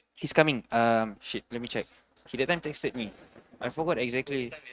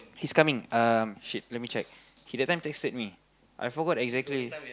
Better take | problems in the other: second | noise reduction (neural mask model RNNoise)

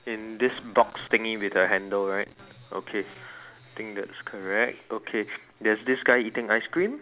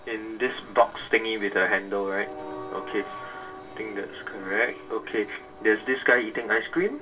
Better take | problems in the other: first | background sound (Train); 15 dB below the speech // room echo; dies away in 0.2 s

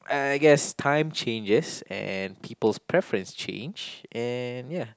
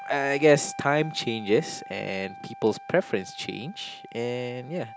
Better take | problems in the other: first | background sound (Wind instrument, woodwind instrument); 16 dB below the speech

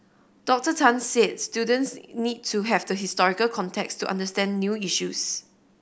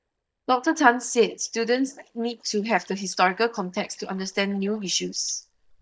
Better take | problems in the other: first | noise reduction (neural mask model DeepFilterNet 3)

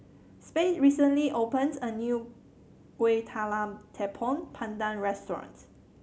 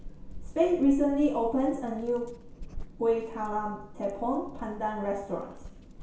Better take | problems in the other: first | background sound (Dog); 12 dB below the speech // room echo; dies away in 0.6 s

